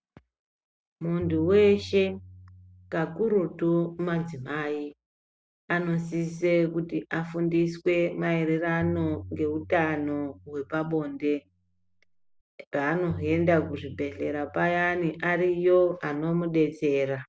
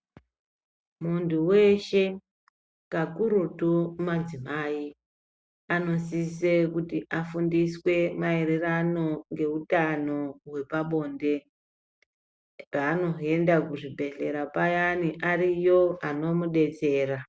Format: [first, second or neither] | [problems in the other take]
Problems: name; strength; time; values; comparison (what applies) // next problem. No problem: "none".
second | background sound (Tabla); 17 dB below the speech